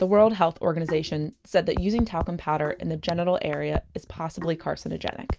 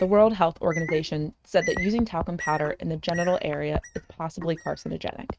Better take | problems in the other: first | noise reduction (neural mask model RNNoise)

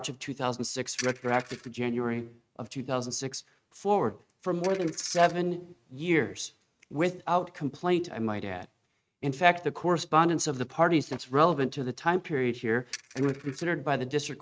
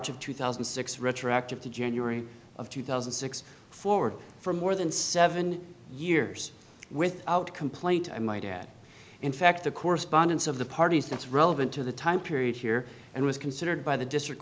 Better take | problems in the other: second | noise reduction (neural mask model RNNoise)

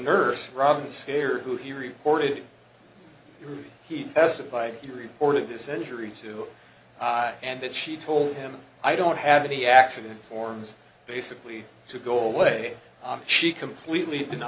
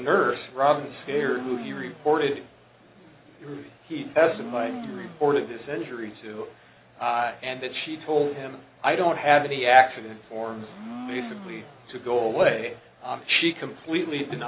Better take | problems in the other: first | background sound (Domestic sounds, home sounds); 14 dB below the speech

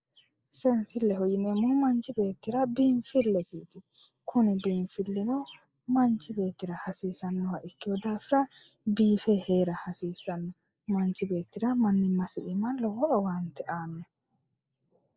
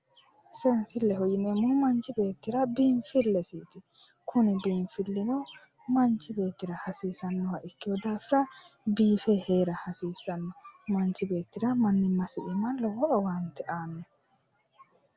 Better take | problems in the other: second | noise reduction (neural mask model Resemble Enhance denoiser)

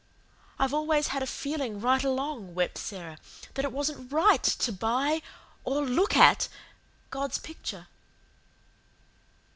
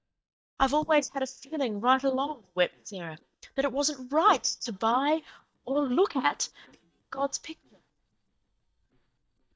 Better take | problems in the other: first | noise reduction (neural mask model DeepFilterNet 3)

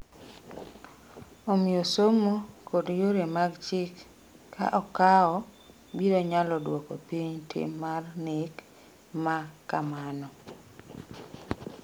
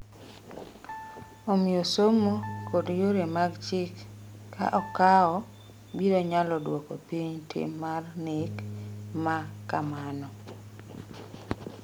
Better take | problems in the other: first | background sound (Bass guitar + Piano); 14 dB below the speech

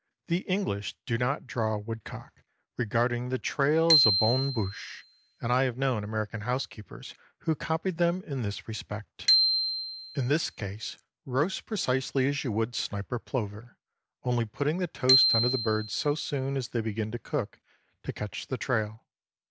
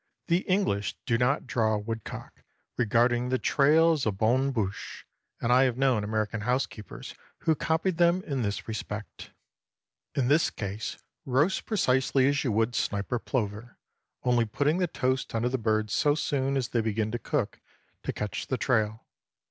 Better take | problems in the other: second | background sound (Bicycle bell); 1 dB below the speech

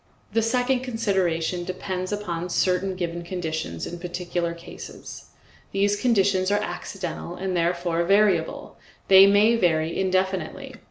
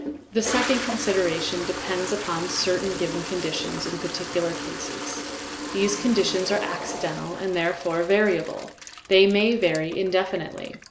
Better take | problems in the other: first | background sound (Toilet flush); 8 dB below the speech

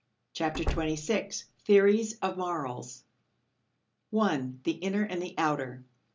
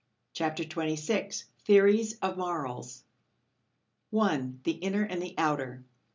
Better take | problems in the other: second | background sound (Slam); 6 dB below the speech

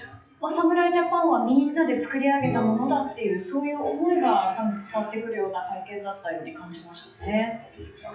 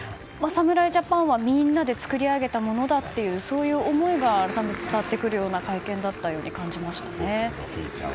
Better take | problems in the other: second | noise reduction (classical method WPE with log-MMSE)

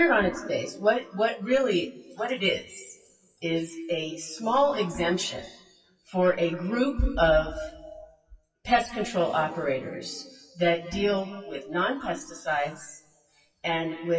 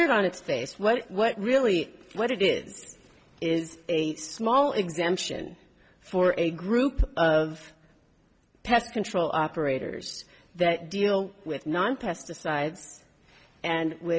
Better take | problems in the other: second | noise reduction (classical method WPE with log-MMSE)

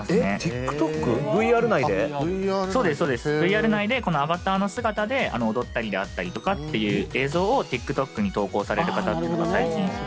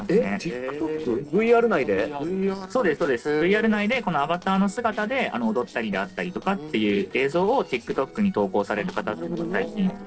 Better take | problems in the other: first | noise reduction (neural separator model SepFormer DNS4)

